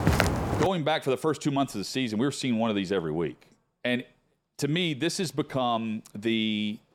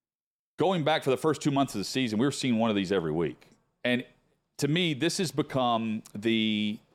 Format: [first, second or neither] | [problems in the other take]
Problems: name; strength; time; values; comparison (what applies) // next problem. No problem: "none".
second | footsteps; loud; at the start; peak 4 dB above the speech